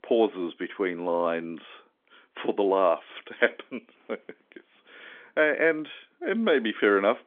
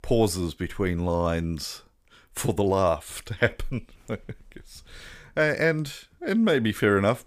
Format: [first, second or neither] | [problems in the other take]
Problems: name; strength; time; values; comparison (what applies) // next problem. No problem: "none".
second | phone-call audio; nothing above 3.5 kHz